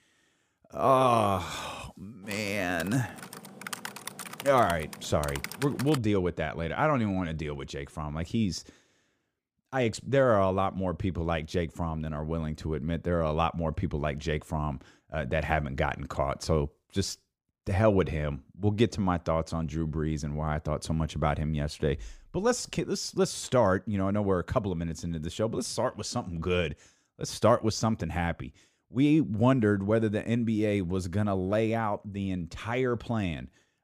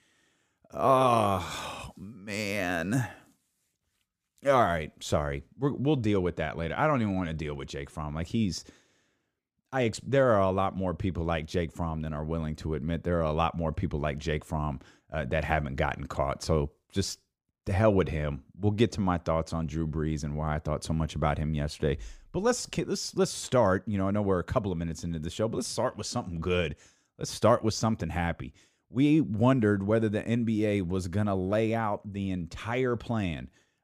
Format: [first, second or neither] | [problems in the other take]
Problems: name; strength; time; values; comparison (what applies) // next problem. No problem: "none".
second | keyboard typing; noticeable; from 2.5 to 6 s; peak 8 dB below the speech